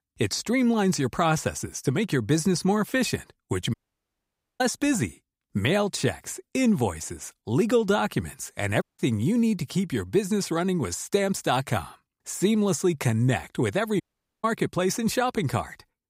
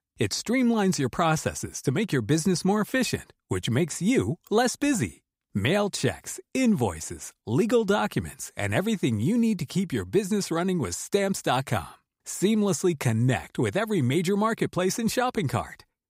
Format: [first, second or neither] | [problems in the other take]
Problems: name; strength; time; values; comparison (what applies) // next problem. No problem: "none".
second | audio cutting out; at 3.5 s for 1 s, at 9 s and at 14 s